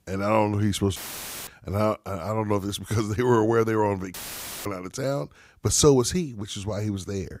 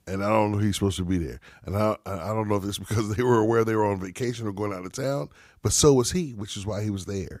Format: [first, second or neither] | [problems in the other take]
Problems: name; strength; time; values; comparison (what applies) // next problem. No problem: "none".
second | audio cutting out; filled with static; at 1 s for 0.5 s and at 4 s for 0.5 s